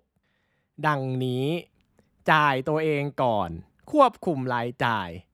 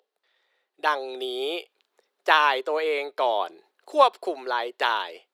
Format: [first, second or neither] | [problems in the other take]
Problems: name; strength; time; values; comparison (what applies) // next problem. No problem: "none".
first | thin; very; fading below 400 Hz